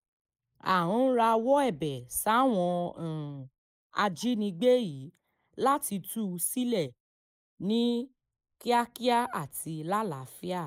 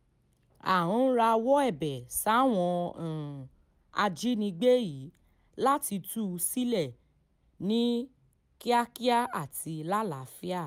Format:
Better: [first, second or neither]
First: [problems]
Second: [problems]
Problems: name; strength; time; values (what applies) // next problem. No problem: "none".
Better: second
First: noise reduction (neural mask model Resemble Enhance denoiser)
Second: none